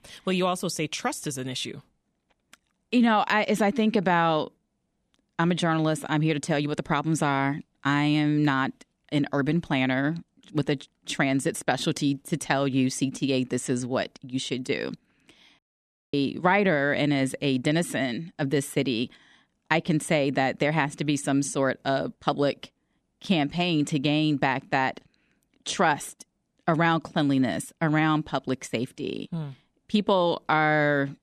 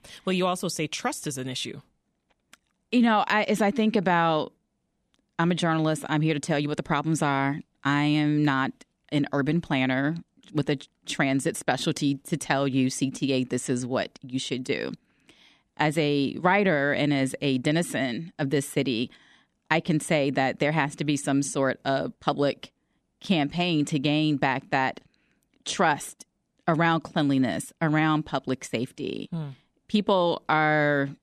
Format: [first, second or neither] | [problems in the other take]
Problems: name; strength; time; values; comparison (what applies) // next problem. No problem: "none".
second | audio cutting out; at 16 s for 0.5 s